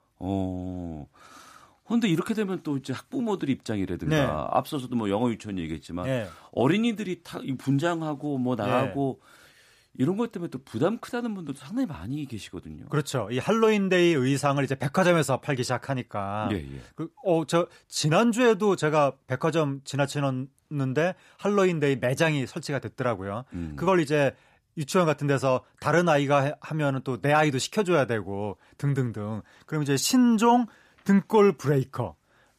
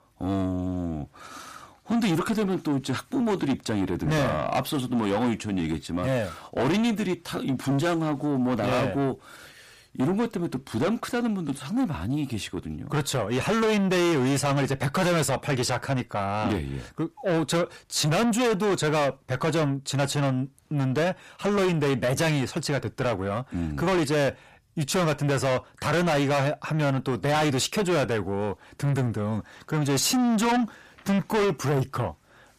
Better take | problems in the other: first | distortion; heavy; 6 dB below the speech

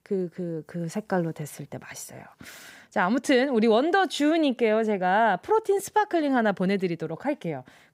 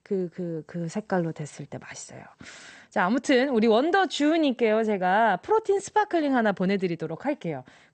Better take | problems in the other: first | garbled, watery; slightly; nothing above 8.5 kHz

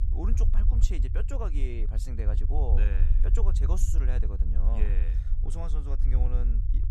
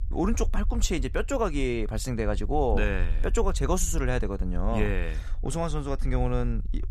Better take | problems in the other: second | low rumble; loud; throughout; 6 dB below the speech; faint in the second

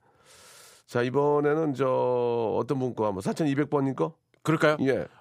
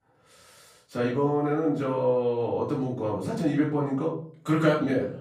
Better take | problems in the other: first | off-mic speech; far // room echo; slight; dies away in 0.4 s

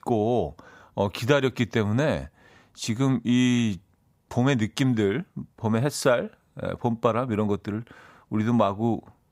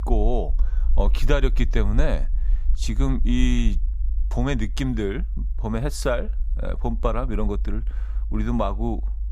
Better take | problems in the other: first | low rumble; faint; throughout; 20 dB below the speech

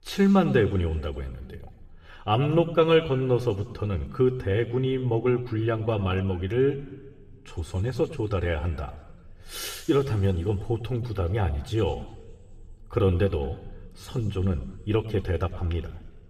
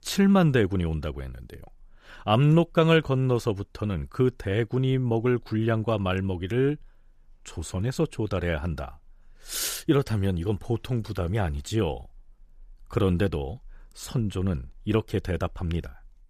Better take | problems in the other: second | room echo; slight; dies away in 1.6 s

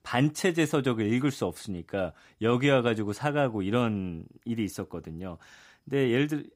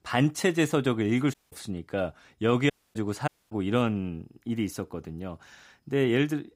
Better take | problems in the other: first | audio cutting out; at 1.5 s, at 2.5 s and at 3.5 s

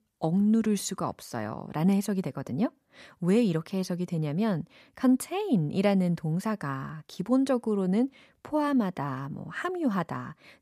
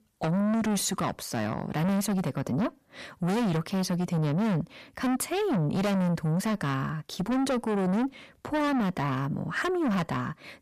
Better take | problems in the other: first | distortion; heavy; 6 dB below the speech

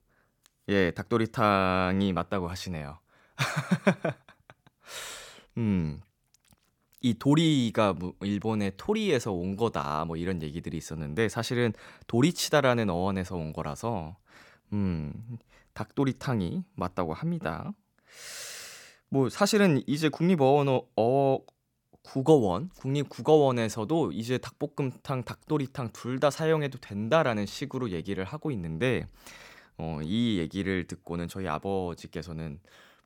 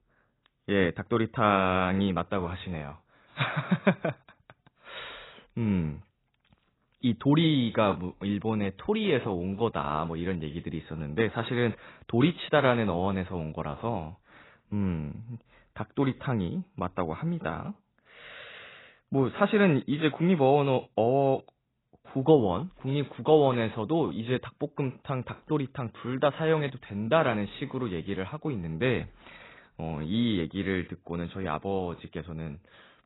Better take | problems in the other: first | garbled, watery; badly; nothing above 4 kHz

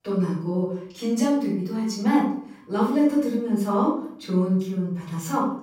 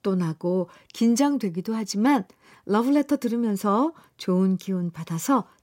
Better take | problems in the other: second | off-mic speech; far // room echo; noticeable; dies away in 0.5 s

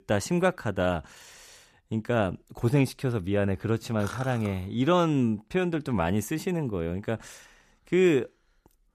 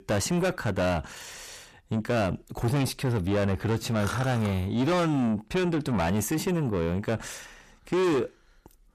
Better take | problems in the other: first | distortion; heavy; 7 dB below the speech

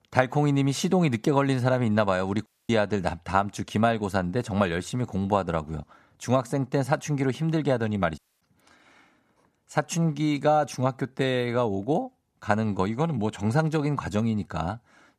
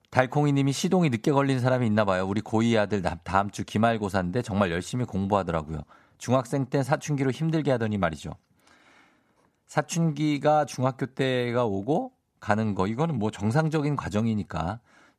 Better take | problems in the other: second | audio cutting out; at 2.5 s and at 8 s

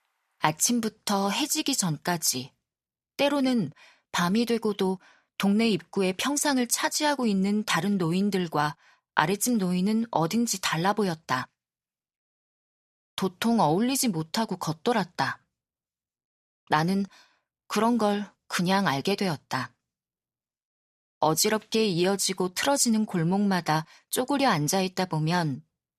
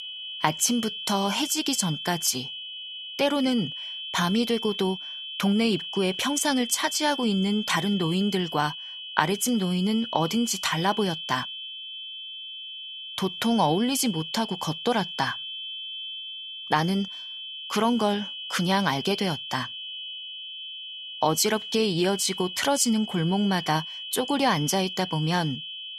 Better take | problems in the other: first | high-pitched whine; loud; throughout; 3 kHz, 8 dB below the speech

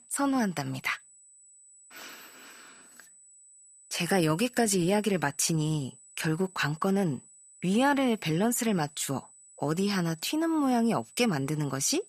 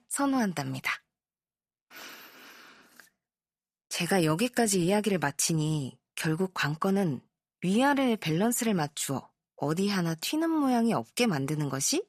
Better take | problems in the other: second | high-pitched whine; faint; throughout; 8 kHz, 25 dB below the speech

